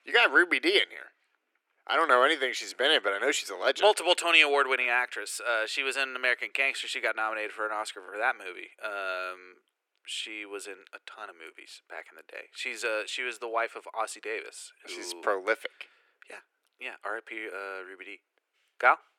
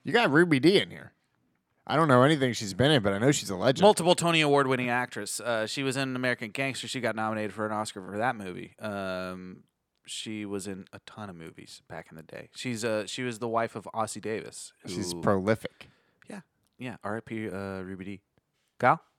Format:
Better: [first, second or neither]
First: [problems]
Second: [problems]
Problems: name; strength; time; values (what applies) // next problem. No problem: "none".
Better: second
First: thin; very; fading below 350 Hz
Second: none